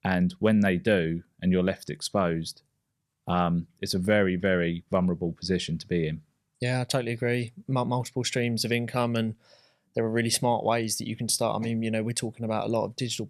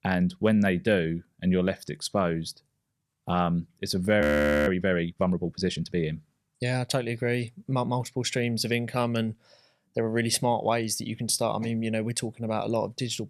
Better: first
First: none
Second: audio freezing; at 4 s

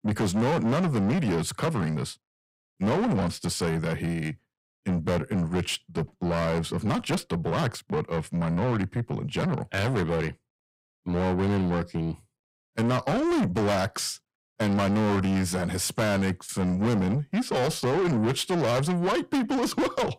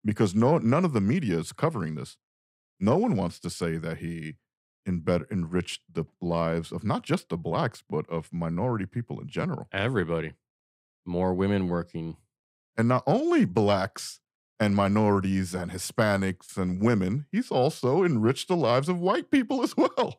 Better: second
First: distortion; heavy; 6 dB below the speech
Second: none

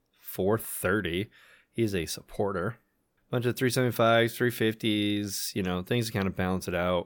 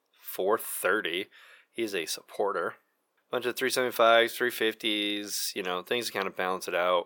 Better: first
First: none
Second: thin; very; fading below 500 Hz

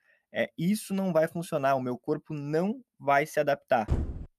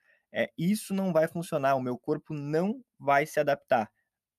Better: second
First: door banging; noticeable; at 4 s; peak 4 dB below the speech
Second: none

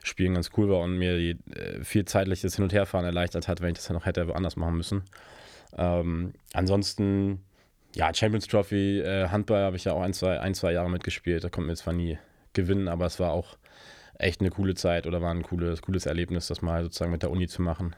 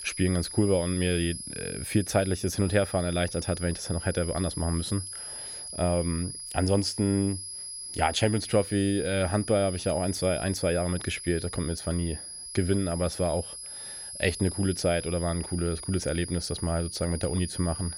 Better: first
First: none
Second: high-pitched whine; loud; throughout; 10.5 kHz, 8 dB below the speech

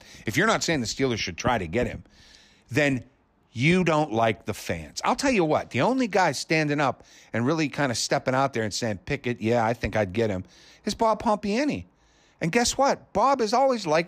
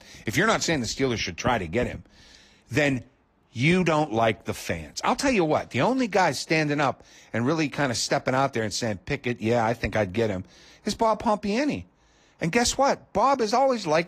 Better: first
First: none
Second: garbled, watery; slightly; nothing above 14.5 kHz

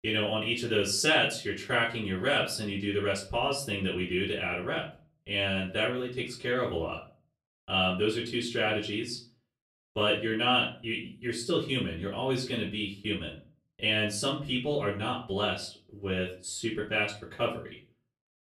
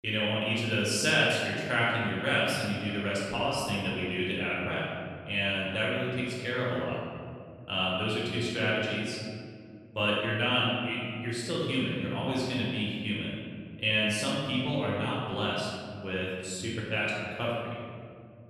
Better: first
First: room echo; slight; dies away in 0.3 s // off-mic speech; far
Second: room echo; strong; dies away in 2.4 s // off-mic speech; far

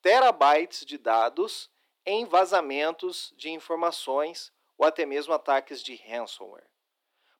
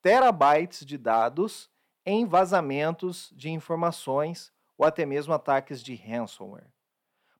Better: second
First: thin; somewhat; fading below 300 Hz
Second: none

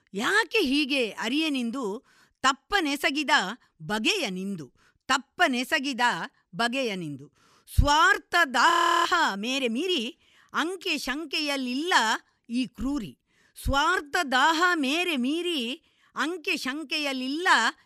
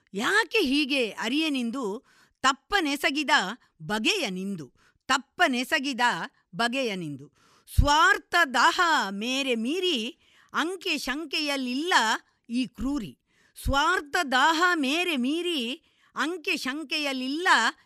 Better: second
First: audio freezing; at 8.5 s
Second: none

